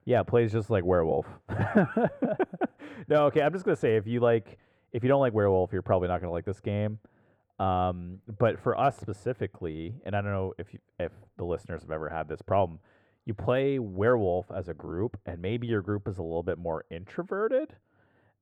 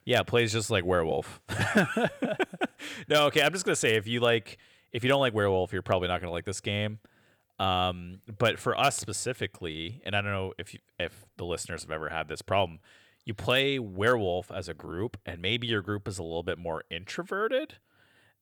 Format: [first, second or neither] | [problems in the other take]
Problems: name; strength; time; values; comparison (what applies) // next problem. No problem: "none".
second | muffled; very; fading above 2 kHz